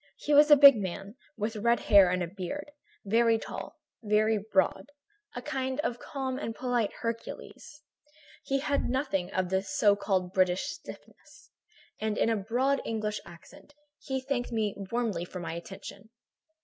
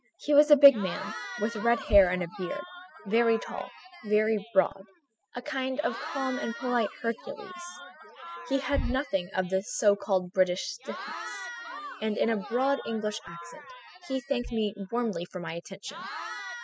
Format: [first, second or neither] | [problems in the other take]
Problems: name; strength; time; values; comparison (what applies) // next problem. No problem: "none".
first | noise reduction (classical method spectral subtraction)